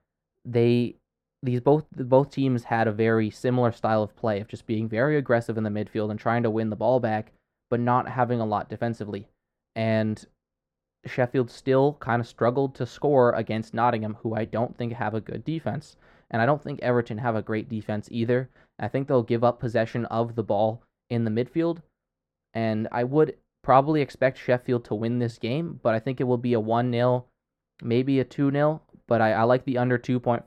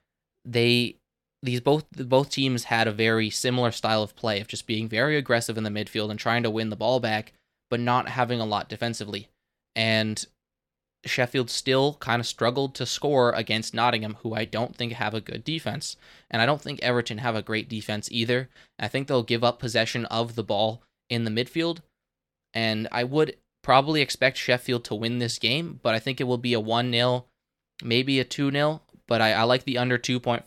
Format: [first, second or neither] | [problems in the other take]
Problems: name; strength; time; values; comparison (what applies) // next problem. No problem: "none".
second | muffled; very; fading above 1.5 kHz